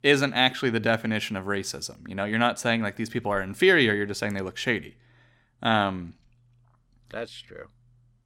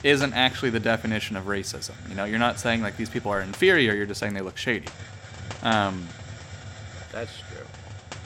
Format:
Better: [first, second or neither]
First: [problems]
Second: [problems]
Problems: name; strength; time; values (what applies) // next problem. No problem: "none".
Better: first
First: none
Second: hiss; noticeable; throughout; 15 dB below the speech